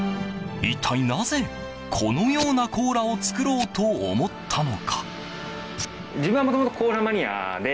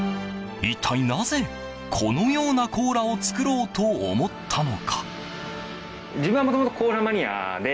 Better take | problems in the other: second | background sound (Packing tape, duct tape / Tearing); 16 dB below the speech

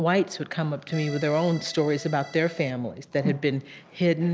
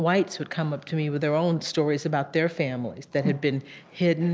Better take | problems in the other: second | background sound (Accordion); 17 dB below the speech

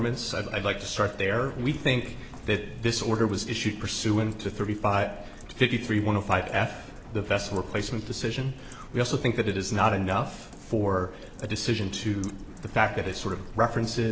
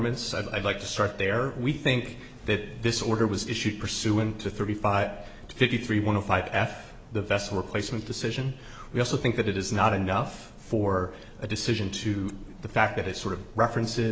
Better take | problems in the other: second | background sound (Rain + Explosion); 18 dB below the speech

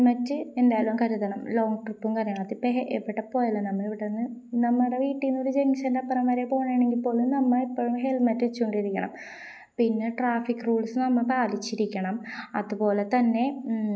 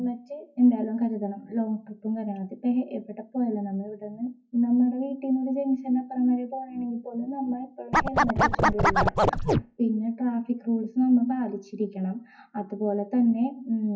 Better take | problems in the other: first | noise reduction (classical method WPE with log-MMSE)

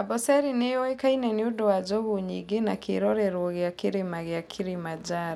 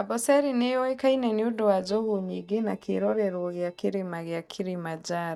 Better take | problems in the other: first | noise reduction (neural mask model DeepFilterNet 3)

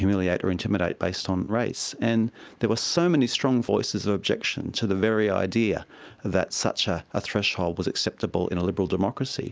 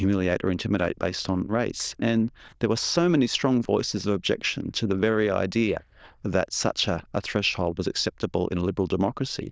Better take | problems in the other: first | noise reduction (neural diffusion model UNIVERSE++)

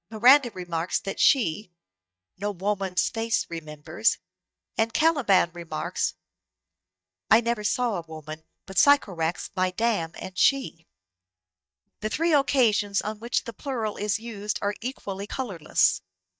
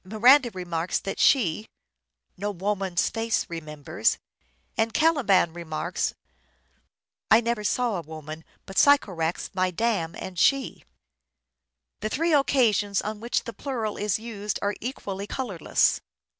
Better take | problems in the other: second | noise reduction (neural mask model DeepFilterNet 3)

